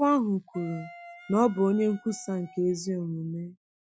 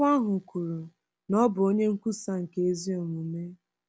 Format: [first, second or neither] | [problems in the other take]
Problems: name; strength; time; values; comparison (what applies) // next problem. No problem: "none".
second | noise reduction (classical method Wiener filter)